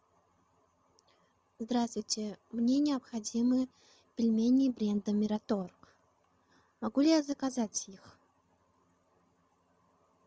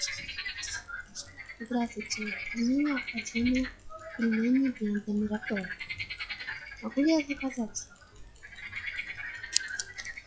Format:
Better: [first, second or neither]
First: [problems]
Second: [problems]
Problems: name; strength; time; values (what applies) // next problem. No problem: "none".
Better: first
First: none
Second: noise reduction (classical method log-MMSE)